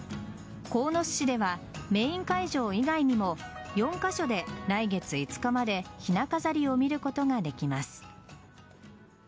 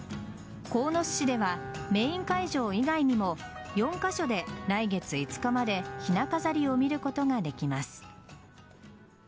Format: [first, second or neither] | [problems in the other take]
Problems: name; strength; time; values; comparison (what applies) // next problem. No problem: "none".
first | background sound (Bowed string instrument); 15 dB below the speech